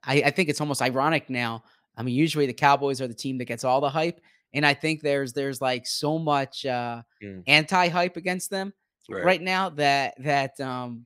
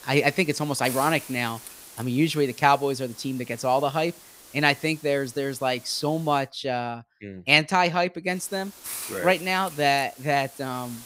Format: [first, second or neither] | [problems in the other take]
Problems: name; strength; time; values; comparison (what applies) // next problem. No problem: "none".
first | hiss; noticeable; until 6.5 s and from 8.5 s on; 15 dB below the speech